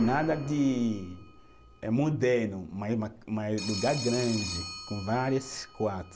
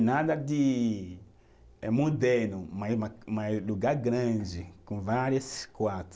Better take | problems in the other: second | background sound (Explosion + Telephone); 12 dB below the speech

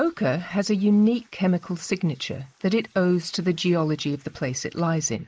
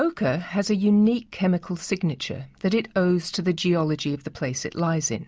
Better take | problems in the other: second | noise reduction (neural mask model Resemble Enhance denoiser)

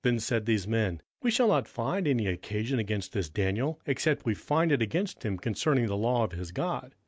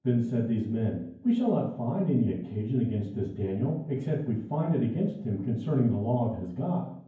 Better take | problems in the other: first | room echo; dies away in 0.9 s

